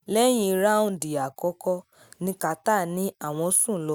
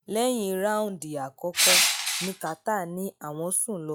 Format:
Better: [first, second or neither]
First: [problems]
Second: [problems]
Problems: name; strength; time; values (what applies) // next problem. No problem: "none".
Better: first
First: none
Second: noise reduction (classical method log-MMSE)